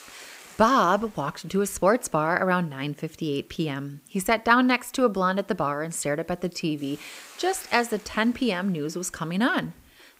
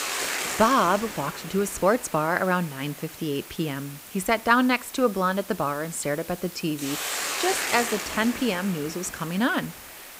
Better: first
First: hiss; faint; throughout; 25 dB below the speech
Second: hiss; loud; throughout; 7 dB below the speech

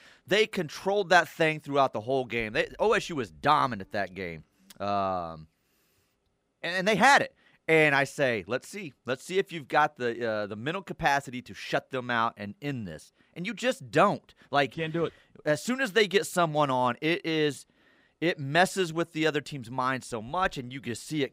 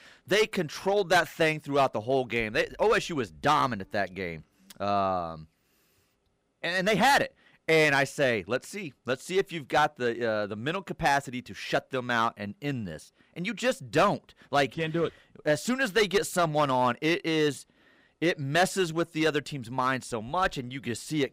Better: first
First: none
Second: distortion; slight; 3% of the sound clipped

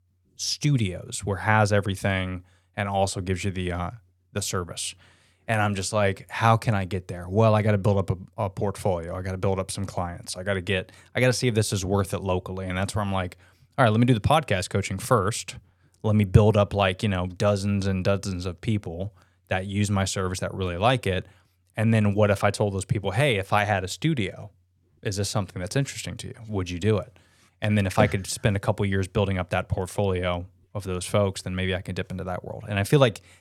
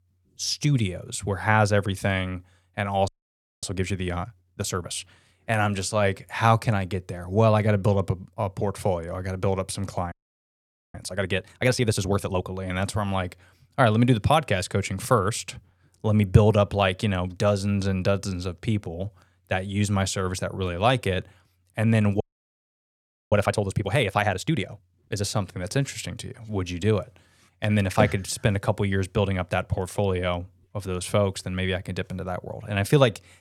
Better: first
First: none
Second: audio freezing; at 3 s for 0.5 s, at 10 s for 1 s and at 22 s for 1 s

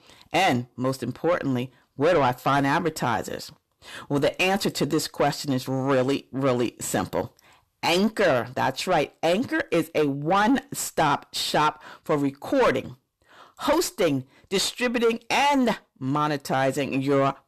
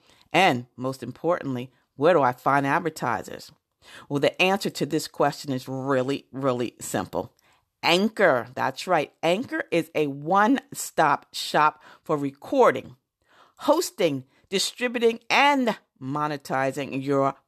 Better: second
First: distortion; heavy; 7 dB below the speech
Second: none

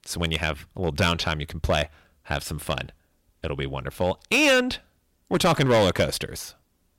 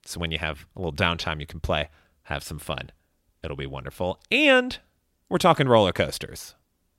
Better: second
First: distortion; heavy; 4% of the sound clipped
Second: none

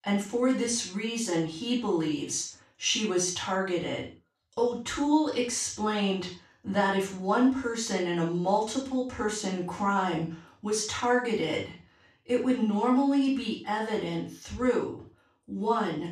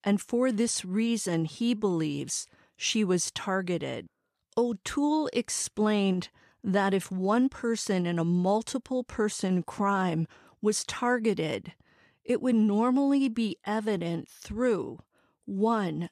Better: second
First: room echo; noticeable; dies away in 0.3 s // off-mic speech; far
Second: none

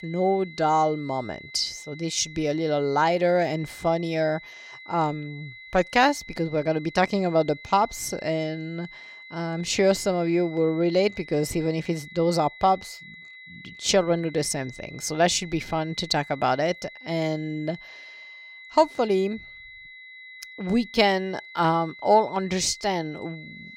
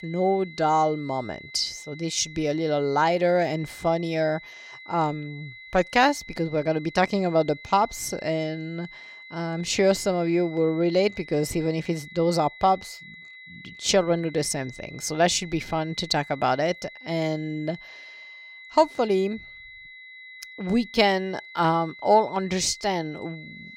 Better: neither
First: high-pitched whine; noticeable; throughout; 2 kHz, 20 dB below the speech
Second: high-pitched whine; noticeable; throughout; 2 kHz, 20 dB below the speech

